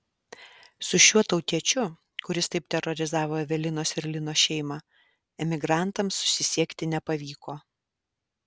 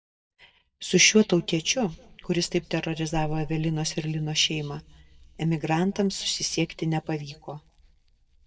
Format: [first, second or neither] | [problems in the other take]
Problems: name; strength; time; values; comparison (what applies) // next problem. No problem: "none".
first | noise reduction (neural mask model DeepFilterNet 3)